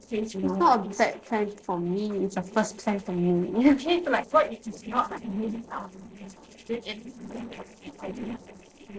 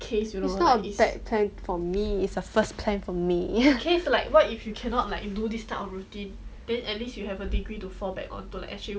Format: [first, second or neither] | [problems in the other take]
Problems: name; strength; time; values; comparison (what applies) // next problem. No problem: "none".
second | noise reduction (neural separator model SepFormer DNS4)